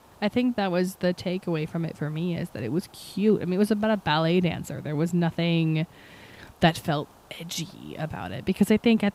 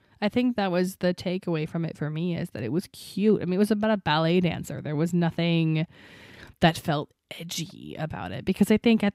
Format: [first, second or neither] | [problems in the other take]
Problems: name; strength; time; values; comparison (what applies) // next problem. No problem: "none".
second | hiss; faint; throughout; 30 dB below the speech